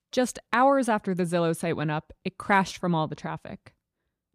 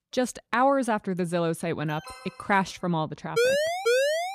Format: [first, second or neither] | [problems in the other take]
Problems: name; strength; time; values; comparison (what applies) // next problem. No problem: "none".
first | alarm; faint; at 2 s; peak 15 dB below the speech // siren; loud; at 3.5 s; peak 4 dB above the speech